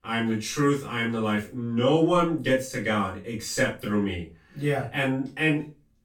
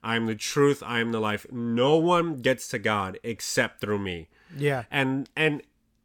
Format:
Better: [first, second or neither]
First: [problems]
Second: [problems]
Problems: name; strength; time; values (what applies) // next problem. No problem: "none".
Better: second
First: off-mic speech; far // room echo; slight; dies away in 0.3 s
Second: none